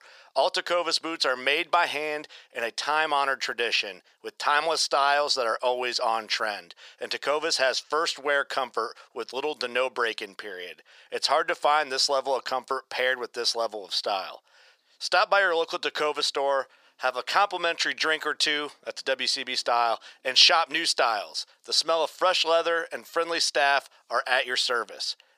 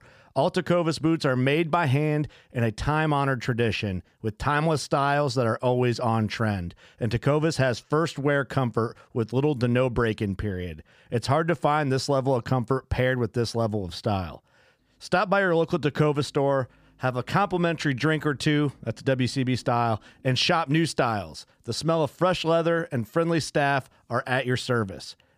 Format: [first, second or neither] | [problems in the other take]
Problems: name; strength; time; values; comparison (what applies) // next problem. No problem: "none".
second | thin; very; fading below 550 Hz